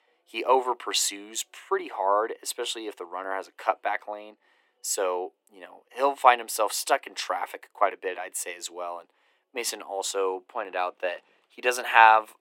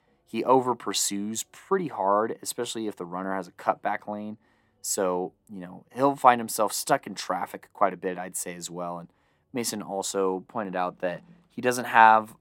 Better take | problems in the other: second | thin; very; fading below 350 Hz

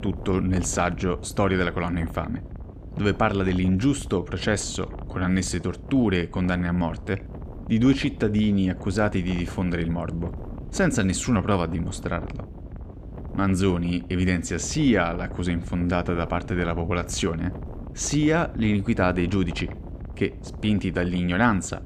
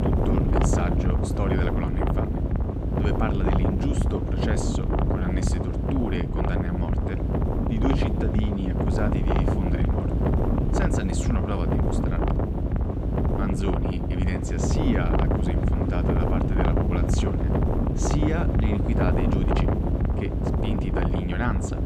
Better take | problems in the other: first | wind noise on the microphone; heavy; 4 dB above the speech; occasional gusts in the first

